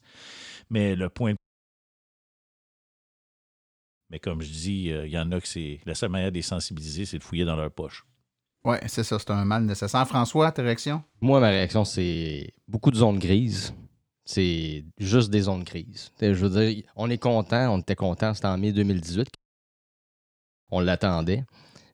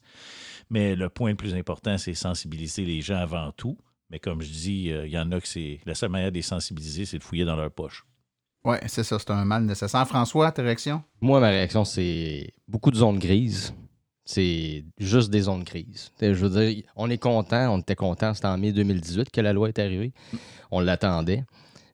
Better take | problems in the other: second | audio cutting out; at 1.5 s for 2.5 s and at 19 s for 1.5 s

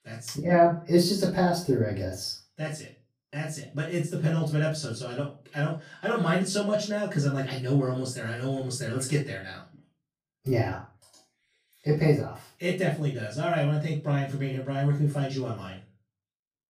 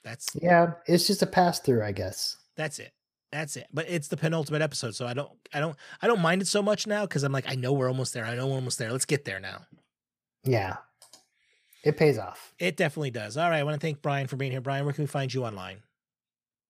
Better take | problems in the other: second | off-mic speech; far // room echo; slight; dies away in 0.3 s

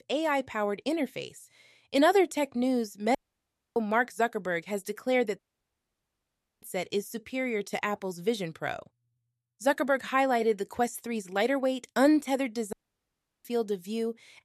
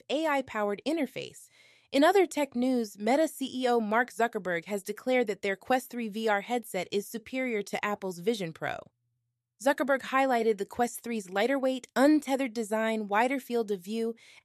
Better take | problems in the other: second | audio cutting out; at 3 s for 0.5 s, at 5.5 s for 1 s and at 13 s for 0.5 s

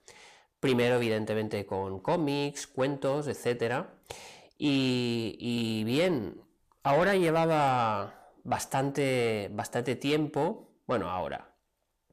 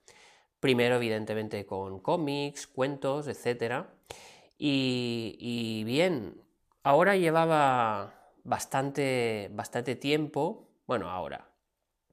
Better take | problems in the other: second | distortion; slight; 10 dB below the speech

